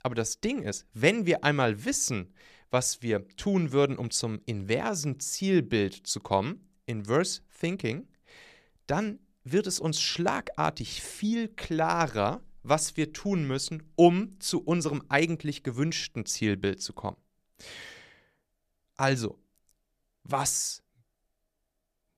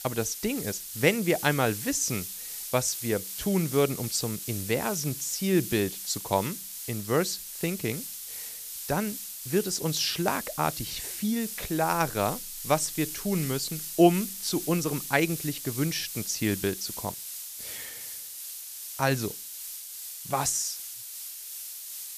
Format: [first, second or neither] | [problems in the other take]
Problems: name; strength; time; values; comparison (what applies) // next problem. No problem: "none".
first | hiss; loud; throughout; 7 dB below the speech